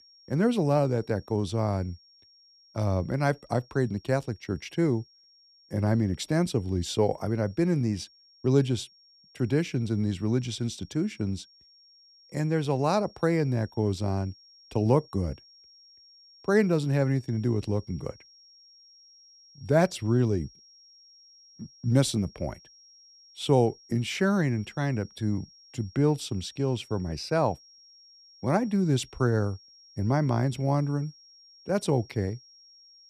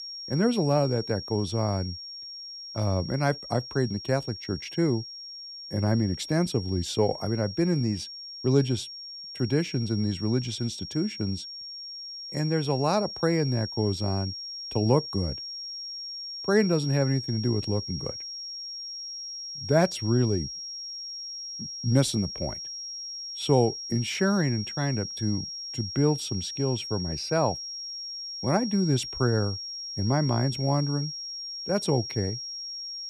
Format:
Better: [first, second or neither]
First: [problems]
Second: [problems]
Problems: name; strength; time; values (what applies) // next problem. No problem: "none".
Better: first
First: high-pitched whine; faint; throughout; 5.5 kHz, 25 dB below the speech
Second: high-pitched whine; loud; throughout; 5.5 kHz, 8 dB below the speech